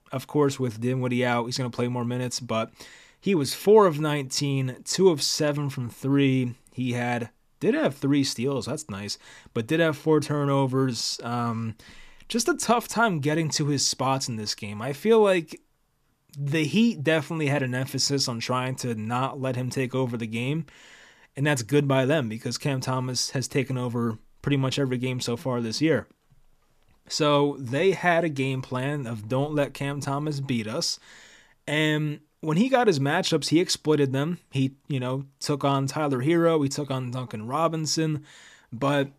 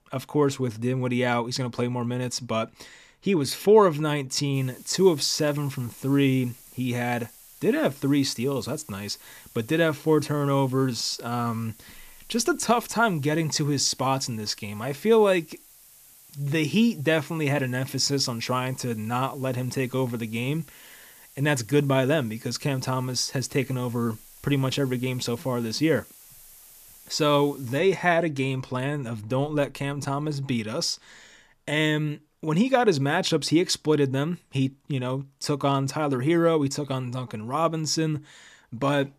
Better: first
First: none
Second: hiss; faint; from 4.5 to 28 s; 25 dB below the speech

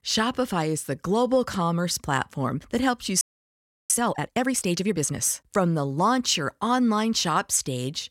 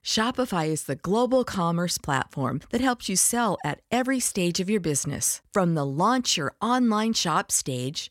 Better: second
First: audio freezing; at 3 s for 0.5 s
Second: none

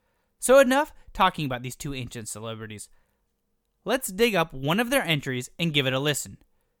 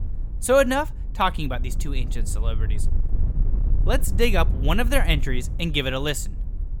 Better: first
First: none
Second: wind noise on the microphone; occasional gusts; 20 dB below the speech

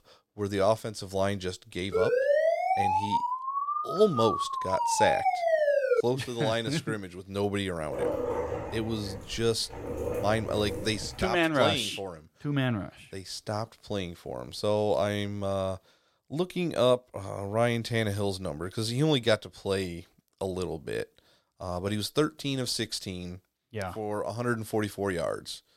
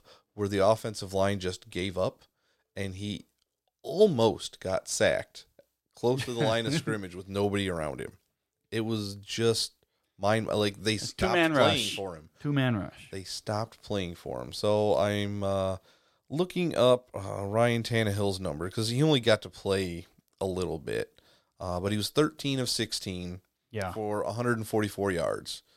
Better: second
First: siren; loud; from 2 to 6 s; peak 6 dB above the speech // dog barking; loud; from 8 to 11 s; peak level with the speech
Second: none

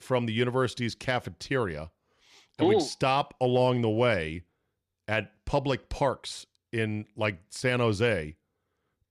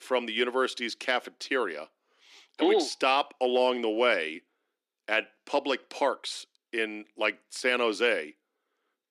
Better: first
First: none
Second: thin; somewhat; fading below 250 Hz

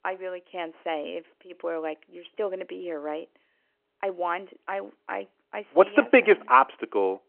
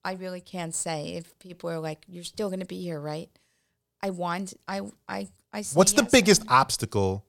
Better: second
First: phone-call audio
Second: none

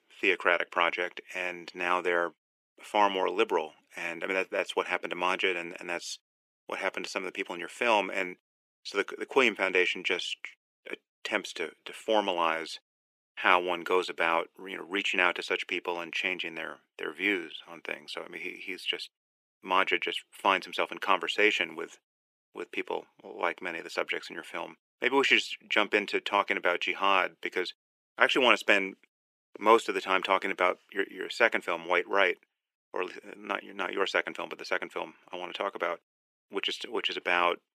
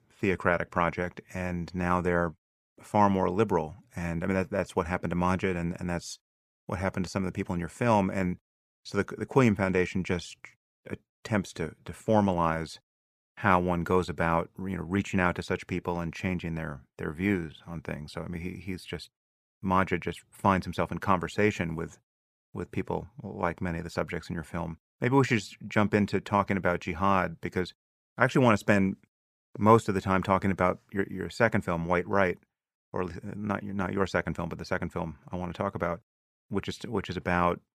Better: second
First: thin; somewhat; fading below 350 Hz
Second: none

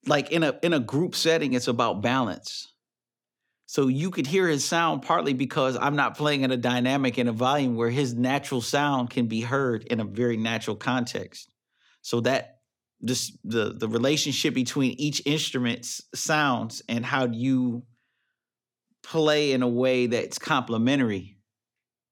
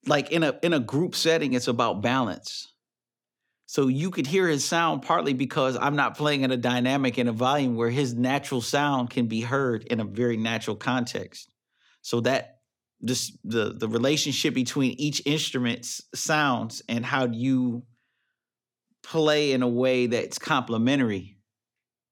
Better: neither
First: none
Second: none

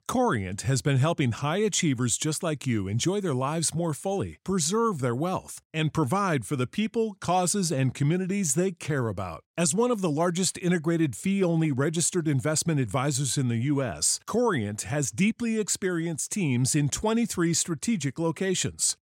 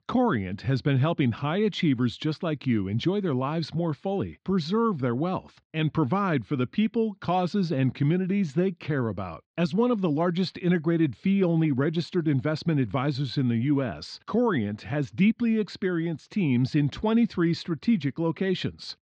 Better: first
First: none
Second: muffled; slightly; fading above 4.5 kHz

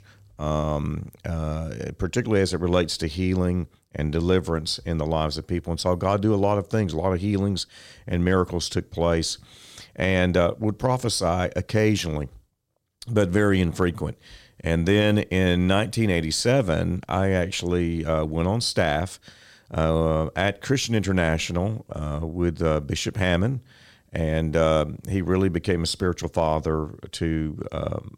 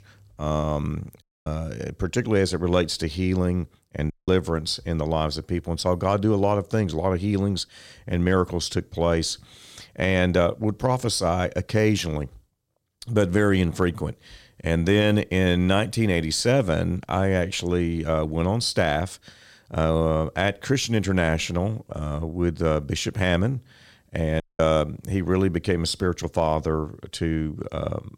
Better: first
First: none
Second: audio cutting out; at 1 s, at 4 s and at 24 s

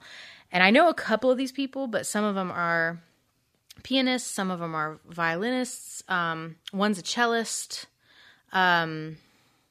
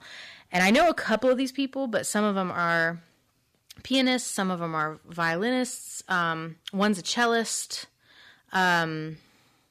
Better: first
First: none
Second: distortion; slight; 2% of the sound clipped

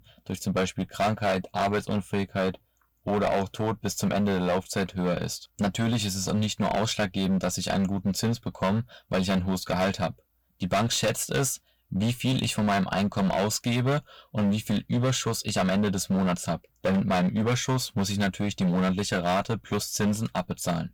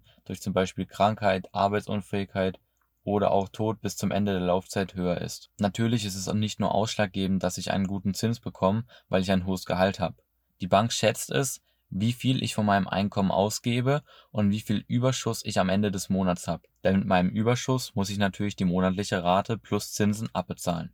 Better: second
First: distortion; heavy; 13% of the sound clipped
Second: none

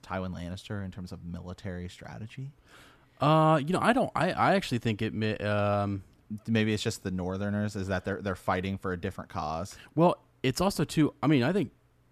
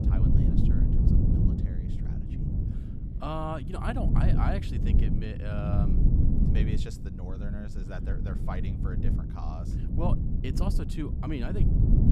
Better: first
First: none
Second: low rumble; loud; throughout; 2 dB below the speech

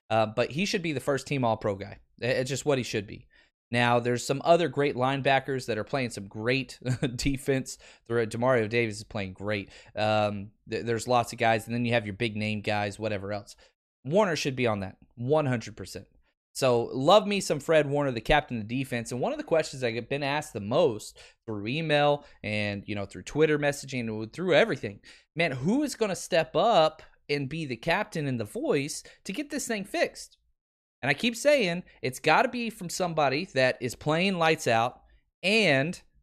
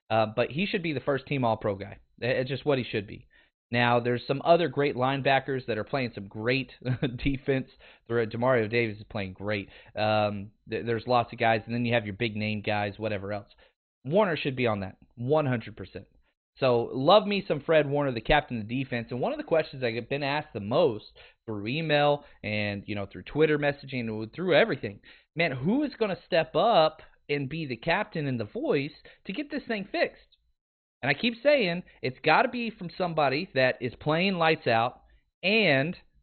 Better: first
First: none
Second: garbled, watery; badly; nothing above 4 kHz

